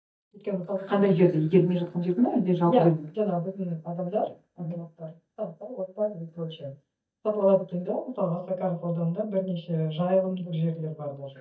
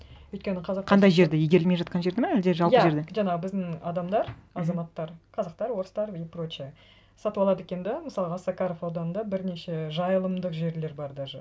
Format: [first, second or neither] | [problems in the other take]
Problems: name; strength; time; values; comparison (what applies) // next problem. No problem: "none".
second | noise reduction (neural mask model DeepFilterNet 3)